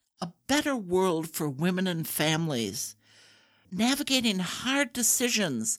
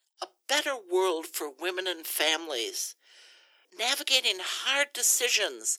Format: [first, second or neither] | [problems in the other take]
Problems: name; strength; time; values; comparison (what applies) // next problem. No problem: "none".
first | thin; very; fading below 350 Hz